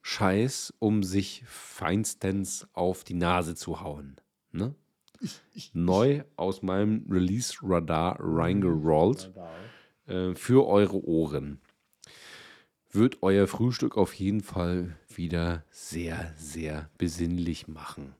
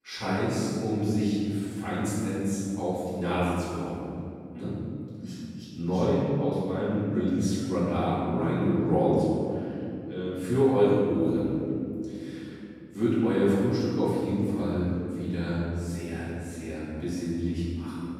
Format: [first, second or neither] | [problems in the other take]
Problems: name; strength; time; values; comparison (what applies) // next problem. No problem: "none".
first | off-mic speech; far // room echo; strong; dies away in 3 s